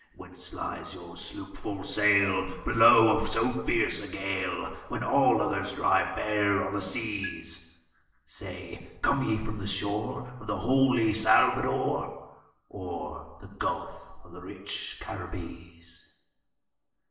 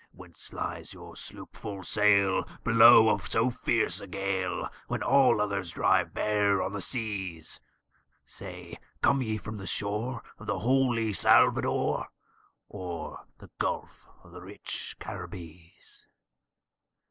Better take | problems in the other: second | background sound (Marimba, xylophone); 18 dB below the speech // room echo; dies away in 0.9 s

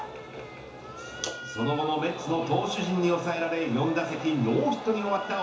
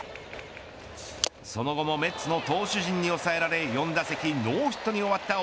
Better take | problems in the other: second | background sound (Cat); 17 dB below the speech // room echo; dies away in 0.7 s

